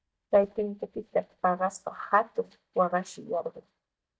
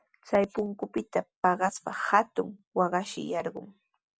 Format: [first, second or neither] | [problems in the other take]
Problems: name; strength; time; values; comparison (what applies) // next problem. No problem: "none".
second | noise reduction (neural mask model DeepFilterNet 3)